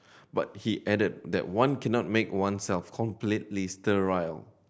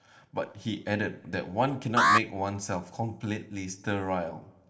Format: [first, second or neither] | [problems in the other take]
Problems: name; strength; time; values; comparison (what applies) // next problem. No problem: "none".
first | background sound (Alarm); 3 dB above the speech // room echo; dies away in 0.8 s